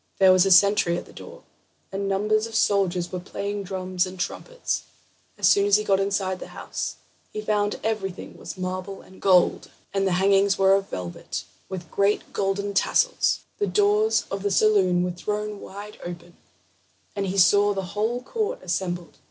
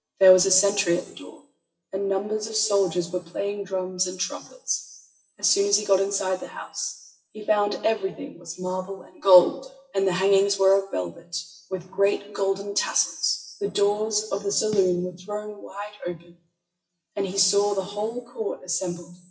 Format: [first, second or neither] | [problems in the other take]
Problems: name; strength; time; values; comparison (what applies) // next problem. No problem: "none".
first | noise reduction (classical method WPE with log-MMSE)